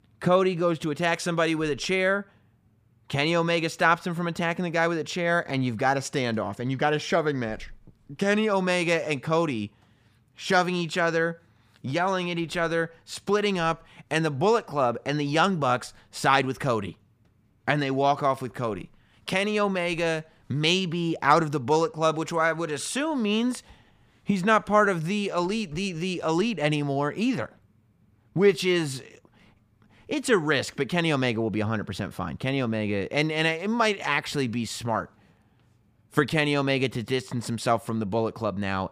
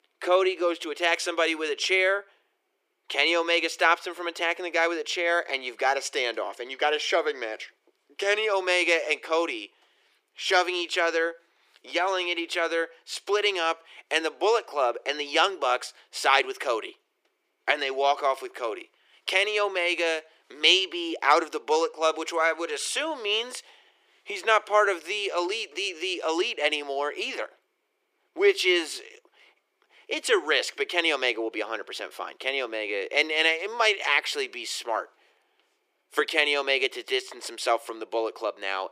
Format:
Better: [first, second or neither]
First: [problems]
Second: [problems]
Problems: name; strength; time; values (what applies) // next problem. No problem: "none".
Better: first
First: none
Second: thin; very; fading below 350 Hz